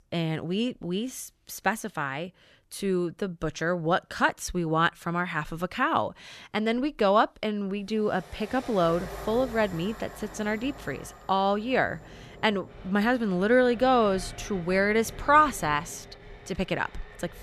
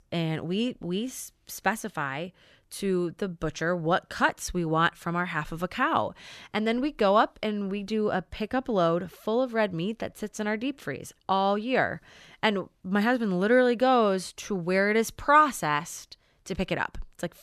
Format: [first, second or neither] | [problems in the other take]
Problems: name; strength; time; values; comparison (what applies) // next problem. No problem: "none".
second | train or aircraft noise; noticeable; from 8.5 s on; 15 dB below the speech